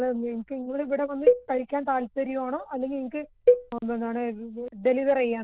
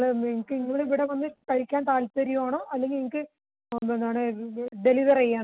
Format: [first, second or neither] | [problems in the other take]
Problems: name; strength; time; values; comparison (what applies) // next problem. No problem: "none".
second | noise reduction (neural diffusion model UNIVERSE++)